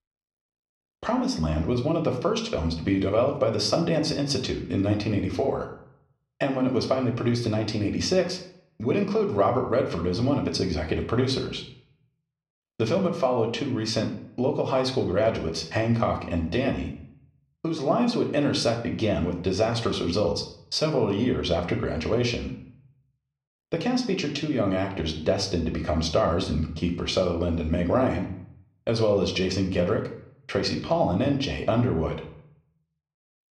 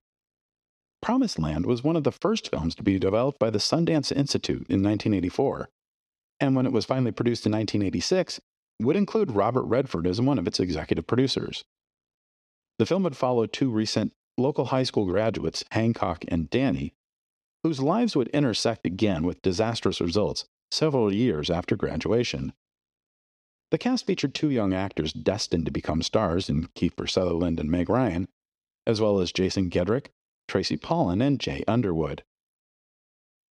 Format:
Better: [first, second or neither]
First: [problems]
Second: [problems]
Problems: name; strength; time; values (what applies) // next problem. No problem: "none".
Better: second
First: room echo; slight; dies away in 0.5 s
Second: none